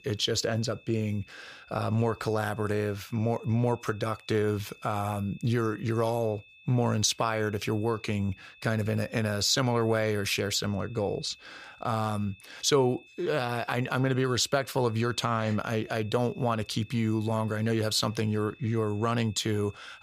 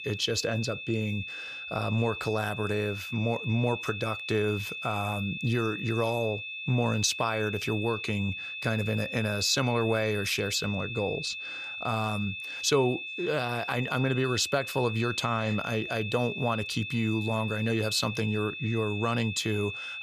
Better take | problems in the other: first | high-pitched whine; loud; throughout; 2.5 kHz, 6 dB below the speech; faint in the first

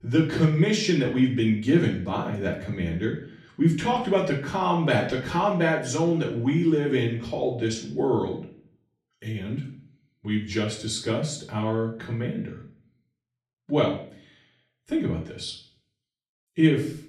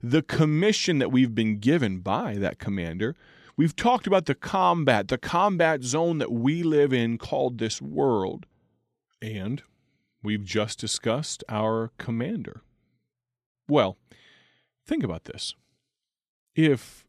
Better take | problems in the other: second | off-mic speech; far // room echo; slight; dies away in 0.5 s

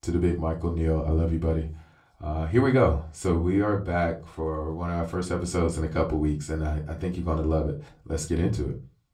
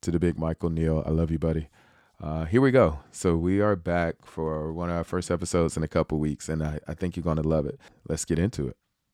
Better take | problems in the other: second | off-mic speech; far // room echo; very slight; dies away in 0.3 s

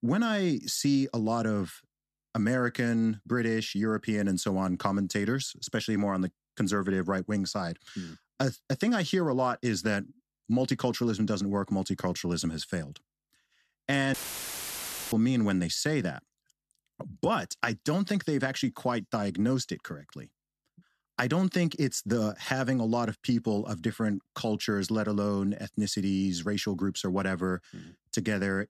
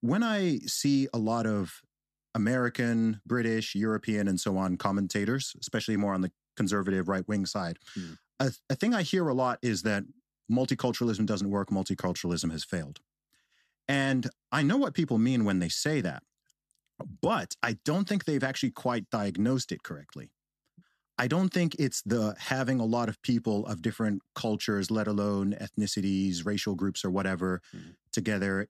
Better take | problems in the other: second | audio cutting out; filled with static; at 14 s for 1 s

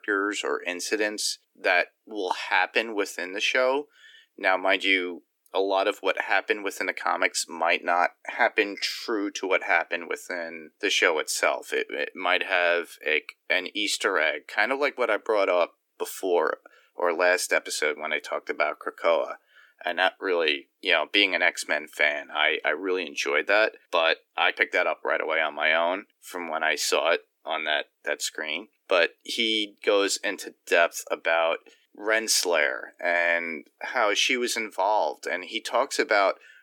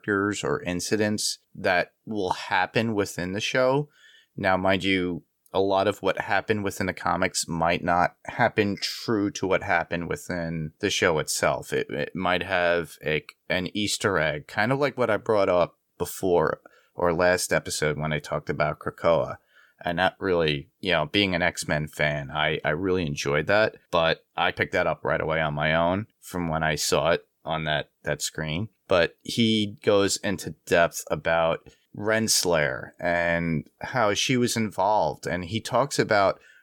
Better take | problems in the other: second | thin; somewhat; fading below 300 Hz

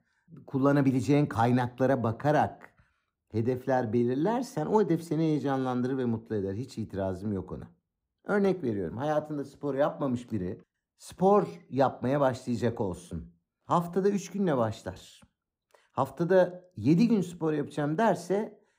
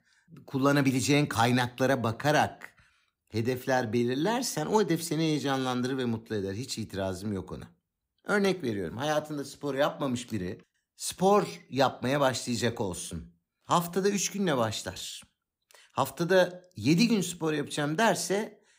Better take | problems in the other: second | muffled; slightly; fading above 1.5 kHz

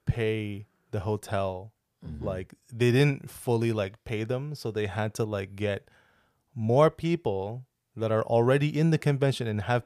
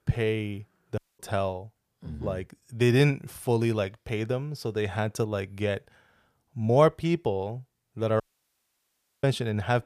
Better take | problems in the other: first | audio cutting out; at 1 s and at 8 s for 1 s

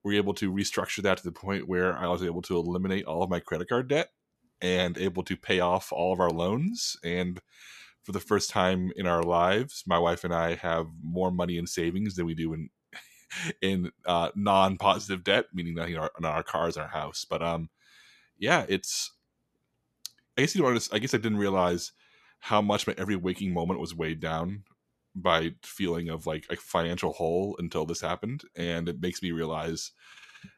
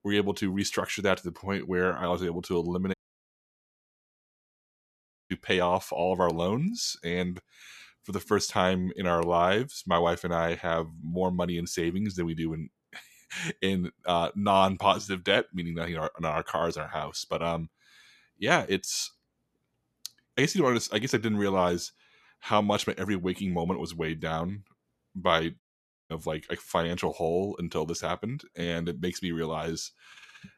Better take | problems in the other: first | audio cutting out; at 3 s for 2.5 s and at 26 s for 0.5 s

